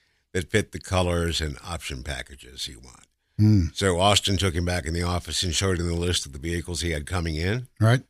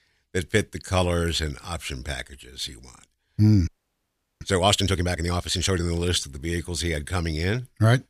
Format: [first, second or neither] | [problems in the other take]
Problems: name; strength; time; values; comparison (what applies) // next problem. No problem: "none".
first | audio freezing; at 3.5 s for 0.5 s